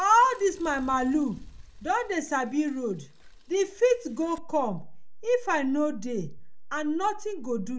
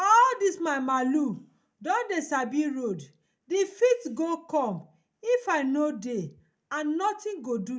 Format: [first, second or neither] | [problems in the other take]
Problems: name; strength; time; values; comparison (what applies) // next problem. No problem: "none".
second | background sound (Mechanisms / Bicycle); 12 dB below the speech